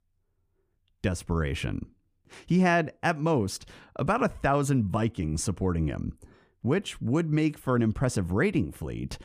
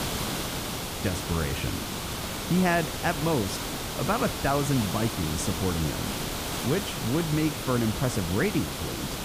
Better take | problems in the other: first | hiss; loud; throughout; 3 dB below the speech

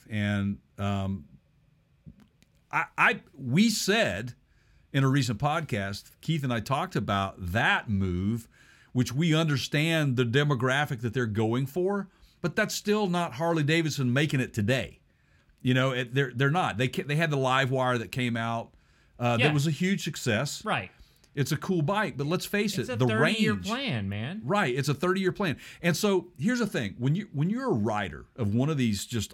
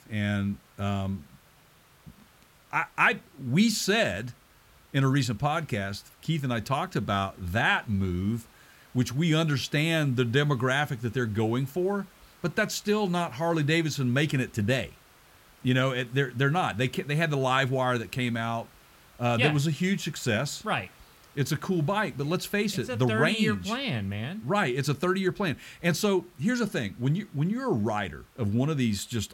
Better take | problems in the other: first | hiss; faint; throughout; 30 dB below the speech

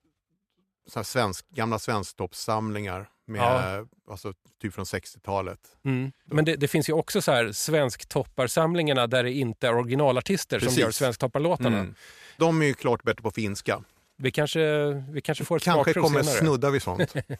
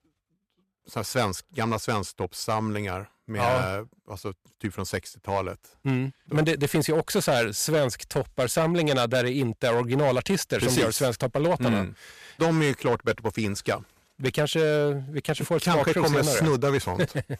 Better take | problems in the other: first | distortion; slight; 6% of the sound clipped

